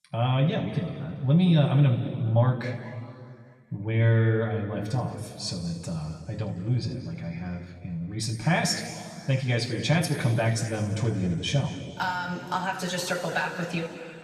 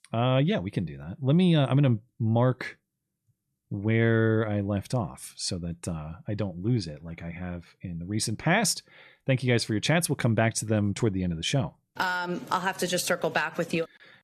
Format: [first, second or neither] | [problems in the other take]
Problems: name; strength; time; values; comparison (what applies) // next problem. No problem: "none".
second | room echo; noticeable; dies away in 2.4 s // off-mic speech; somewhat distant